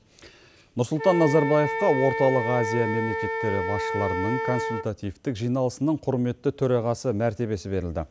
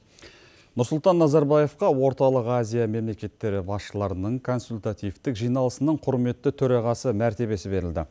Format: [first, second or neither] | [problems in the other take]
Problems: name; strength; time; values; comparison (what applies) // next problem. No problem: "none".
second | background sound (Wind instrument, woodwind instrument); 6 dB below the speech